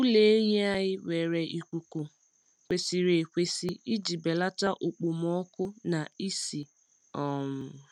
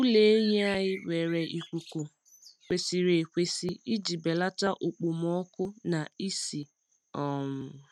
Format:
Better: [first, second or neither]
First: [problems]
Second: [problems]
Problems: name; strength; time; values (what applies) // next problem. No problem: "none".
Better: first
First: none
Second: noise reduction (neural mask model RNNoise)